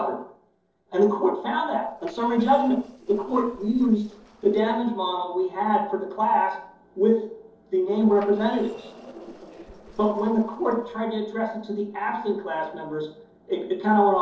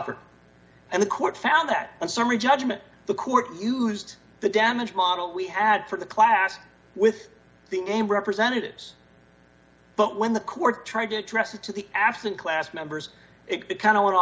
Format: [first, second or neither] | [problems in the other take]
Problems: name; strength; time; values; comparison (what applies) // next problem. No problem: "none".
second | noise reduction (neural separator model SepFormer DNS4)